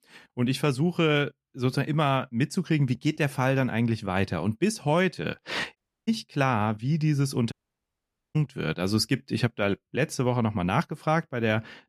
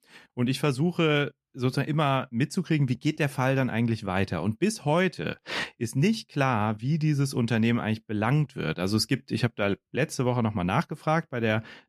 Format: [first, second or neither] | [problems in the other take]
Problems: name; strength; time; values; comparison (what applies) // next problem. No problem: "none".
second | audio cutting out; at 6 s and at 7.5 s for 1 s